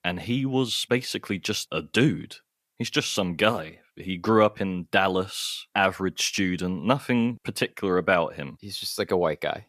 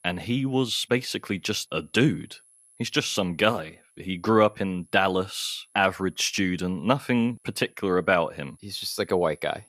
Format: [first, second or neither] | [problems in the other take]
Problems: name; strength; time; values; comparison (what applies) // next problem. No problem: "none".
first | high-pitched whine; faint; throughout; 10.5 kHz, 35 dB below the speech